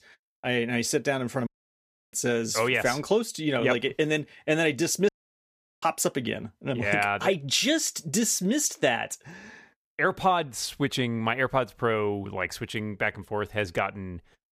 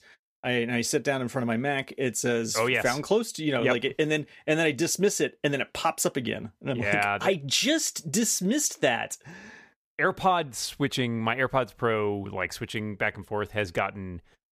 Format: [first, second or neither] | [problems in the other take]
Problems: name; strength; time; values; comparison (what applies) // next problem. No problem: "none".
second | audio cutting out; at 1.5 s for 0.5 s and at 5 s for 0.5 s